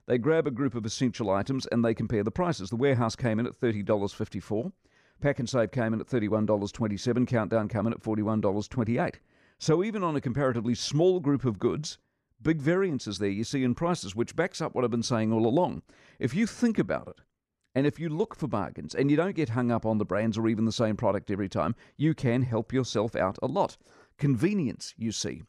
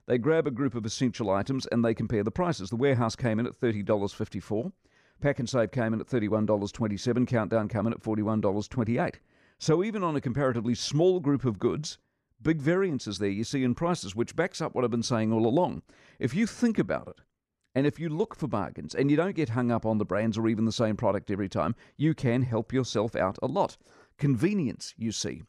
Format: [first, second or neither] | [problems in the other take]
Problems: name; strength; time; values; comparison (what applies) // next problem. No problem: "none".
neither | none